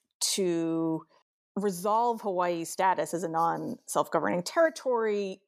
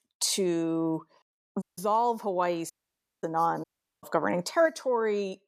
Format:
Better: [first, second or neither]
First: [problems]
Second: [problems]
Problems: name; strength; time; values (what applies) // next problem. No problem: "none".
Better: first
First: none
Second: audio cutting out; at 1.5 s, at 2.5 s for 0.5 s and at 3.5 s